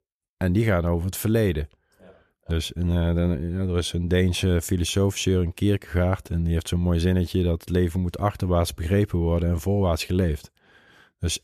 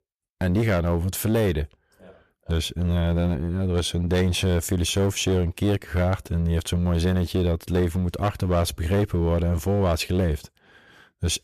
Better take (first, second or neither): first